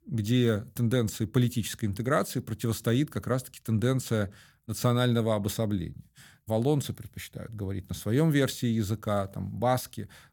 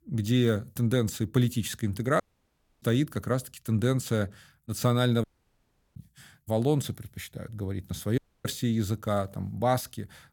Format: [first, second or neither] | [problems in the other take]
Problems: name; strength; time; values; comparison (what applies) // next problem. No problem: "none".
first | audio cutting out; at 2 s for 0.5 s, at 5 s for 0.5 s and at 8 s